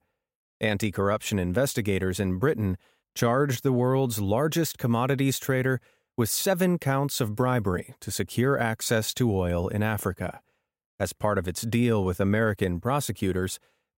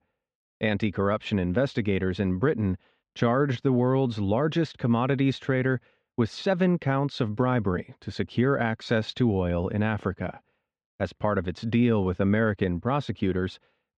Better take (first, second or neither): first